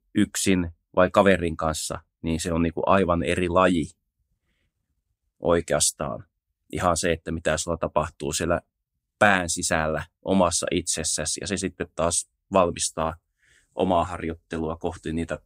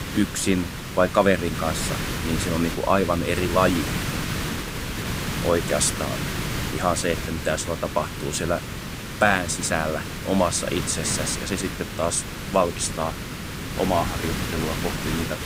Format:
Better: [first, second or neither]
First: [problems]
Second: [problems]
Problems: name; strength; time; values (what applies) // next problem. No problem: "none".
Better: first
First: none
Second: hiss; loud; throughout; 5 dB below the speech